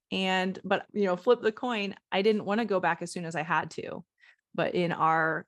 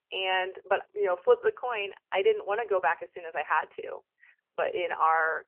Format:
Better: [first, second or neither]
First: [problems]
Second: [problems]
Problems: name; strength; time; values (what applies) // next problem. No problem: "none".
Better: first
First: none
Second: phone-call audio; nothing above 3 kHz